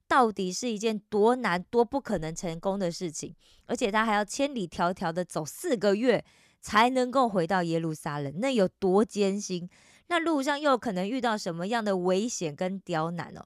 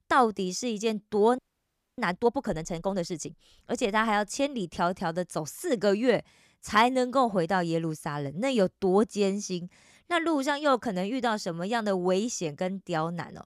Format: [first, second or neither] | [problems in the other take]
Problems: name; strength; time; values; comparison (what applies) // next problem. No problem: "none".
first | audio freezing; at 1.5 s for 0.5 s